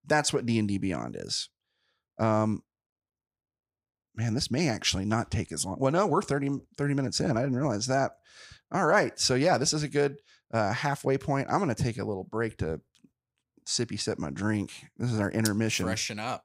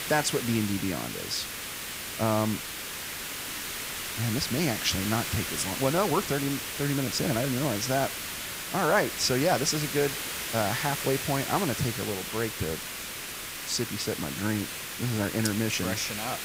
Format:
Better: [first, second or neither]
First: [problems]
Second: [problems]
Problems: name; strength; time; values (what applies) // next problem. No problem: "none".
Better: first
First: none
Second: hiss; loud; throughout; 4 dB below the speech